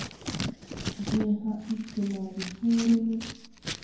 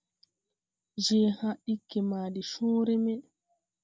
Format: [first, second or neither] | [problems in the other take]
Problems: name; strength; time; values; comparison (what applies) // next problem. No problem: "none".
second | background sound (Scissors); 8 dB below the speech // room echo; dies away in 0.9 s